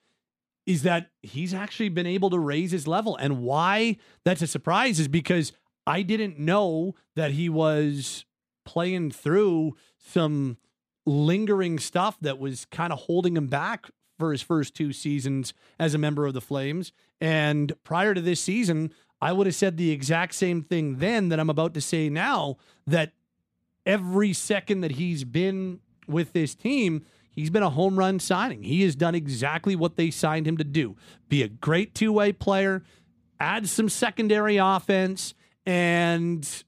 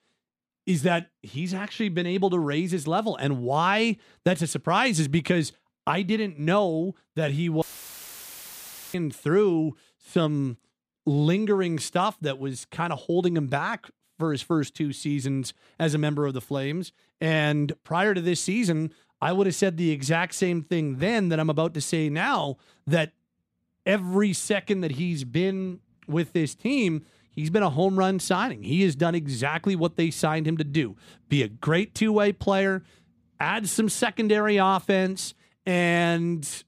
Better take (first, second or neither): first